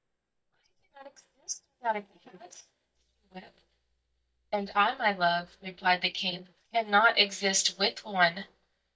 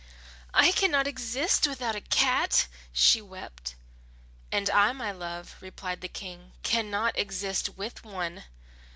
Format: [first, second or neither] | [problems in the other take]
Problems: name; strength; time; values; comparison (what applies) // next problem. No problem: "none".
second | noise reduction (neural mask model DeepFilterNet 3)